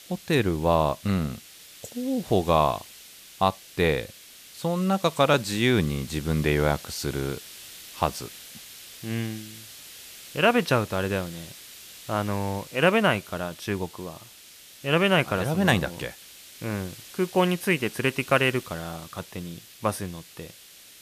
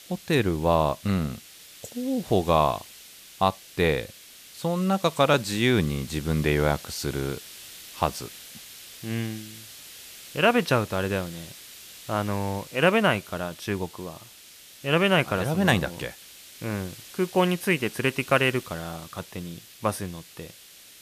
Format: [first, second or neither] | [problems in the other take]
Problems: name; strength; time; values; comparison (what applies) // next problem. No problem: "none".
neither | hiss; noticeable; throughout; 20 dB below the speech; the same in both